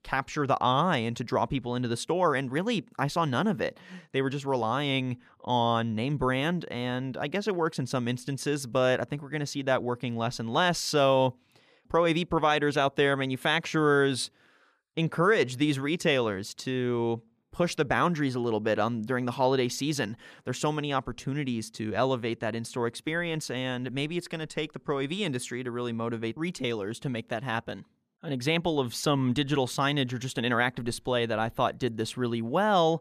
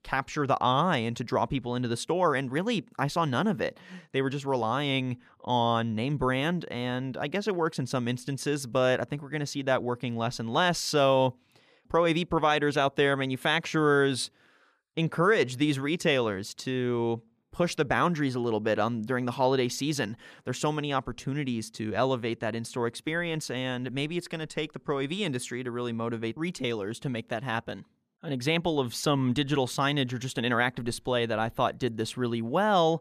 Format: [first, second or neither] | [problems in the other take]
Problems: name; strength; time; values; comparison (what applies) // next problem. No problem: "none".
neither | none